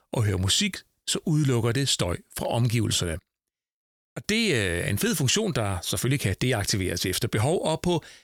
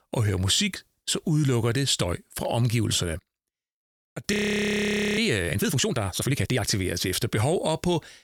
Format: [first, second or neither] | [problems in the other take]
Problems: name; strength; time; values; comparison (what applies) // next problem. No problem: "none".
first | audio freezing; at 4.5 s for 1 s